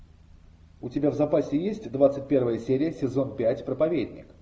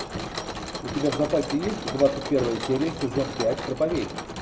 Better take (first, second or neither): first